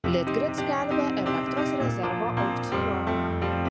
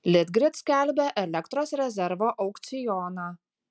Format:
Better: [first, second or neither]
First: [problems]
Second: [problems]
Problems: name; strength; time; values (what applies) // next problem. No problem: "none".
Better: second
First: background sound (Piano); 4 dB above the speech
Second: none